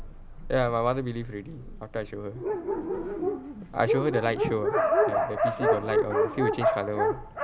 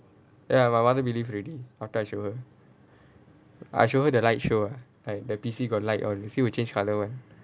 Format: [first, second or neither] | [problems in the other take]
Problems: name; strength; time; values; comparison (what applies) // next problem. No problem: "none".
second | background sound (Dog); 3 dB above the speech